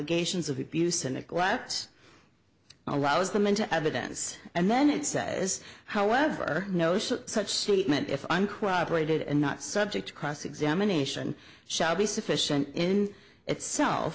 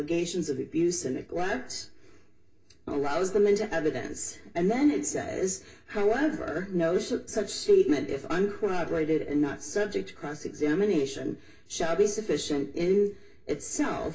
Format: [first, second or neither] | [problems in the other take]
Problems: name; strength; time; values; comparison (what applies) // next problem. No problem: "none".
first | room echo; dies away in 0.2 s